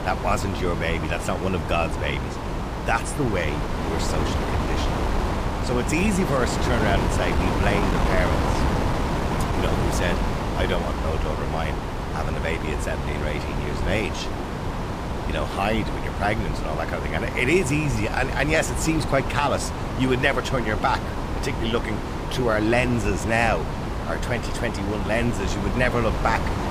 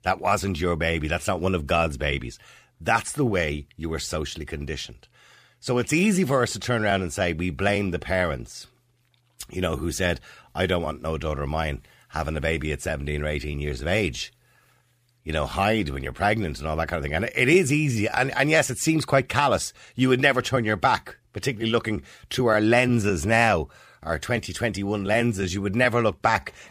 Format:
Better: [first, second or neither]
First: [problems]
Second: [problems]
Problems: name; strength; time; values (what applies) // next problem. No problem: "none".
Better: second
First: wind noise on the microphone; heavy; 3 dB below the speech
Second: none